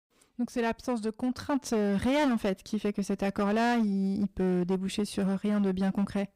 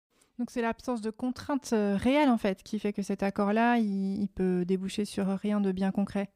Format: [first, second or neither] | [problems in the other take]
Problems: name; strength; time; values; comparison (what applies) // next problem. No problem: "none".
second | distortion; slight; 11% of the sound clipped